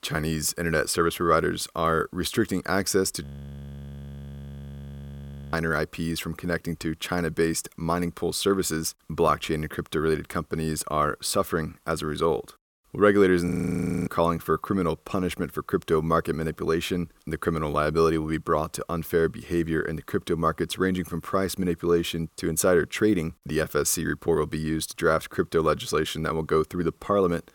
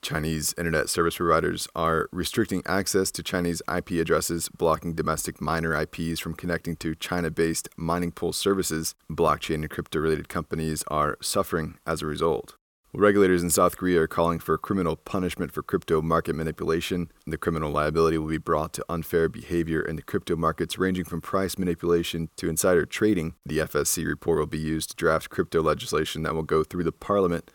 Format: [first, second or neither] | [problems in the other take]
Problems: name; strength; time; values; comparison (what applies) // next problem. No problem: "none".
second | audio freezing; at 3 s for 2.5 s and at 13 s for 0.5 s